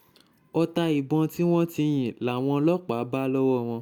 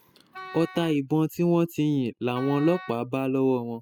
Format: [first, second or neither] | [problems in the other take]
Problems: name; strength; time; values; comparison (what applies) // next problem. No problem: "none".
first | noise reduction (classical method spectral subtraction)